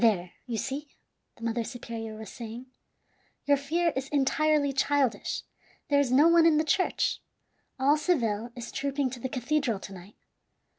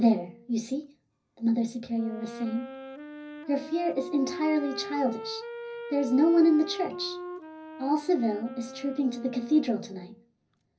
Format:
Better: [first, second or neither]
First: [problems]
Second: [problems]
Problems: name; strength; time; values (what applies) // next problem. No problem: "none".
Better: first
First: none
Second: background sound (Wind instrument, woodwind instrument); 13 dB below the speech // room echo; dies away in 0.4 s